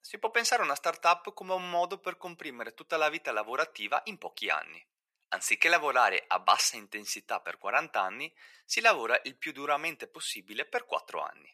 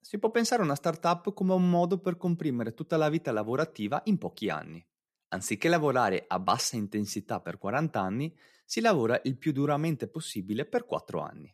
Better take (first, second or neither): second